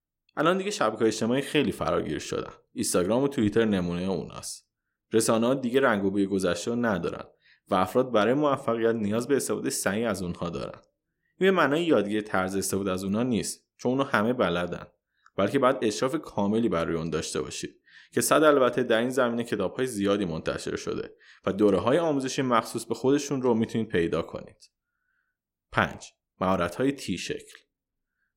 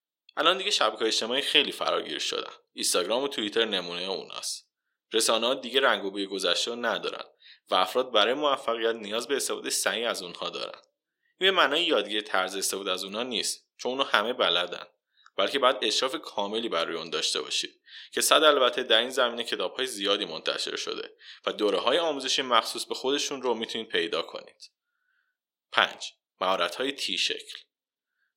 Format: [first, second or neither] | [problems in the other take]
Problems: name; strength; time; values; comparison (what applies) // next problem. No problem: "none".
first | thin; somewhat; fading below 500 Hz